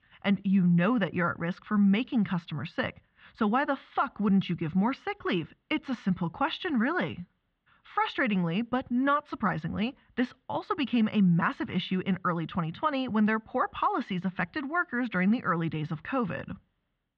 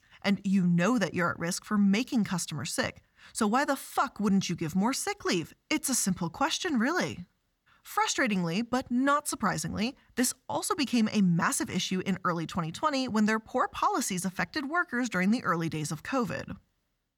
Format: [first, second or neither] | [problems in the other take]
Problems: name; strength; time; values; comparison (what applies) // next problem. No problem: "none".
second | muffled; very; fading above 3.5 kHz